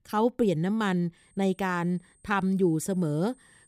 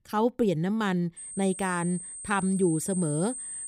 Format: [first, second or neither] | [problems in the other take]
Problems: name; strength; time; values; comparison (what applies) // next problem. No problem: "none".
first | high-pitched whine; loud; from 1 s on; 8.5 kHz, 8 dB below the speech; faint in the first